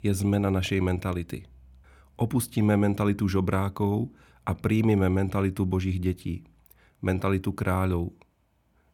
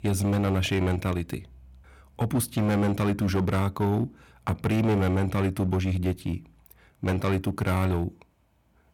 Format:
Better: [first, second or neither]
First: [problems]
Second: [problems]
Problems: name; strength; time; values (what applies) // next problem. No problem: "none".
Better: first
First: none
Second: distortion; slight; 11% of the sound clipped